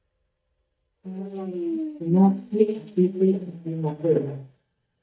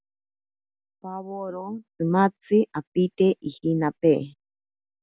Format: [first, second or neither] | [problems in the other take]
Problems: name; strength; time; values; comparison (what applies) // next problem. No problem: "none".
second | noise reduction (neural mask model DeepFilterNet 3)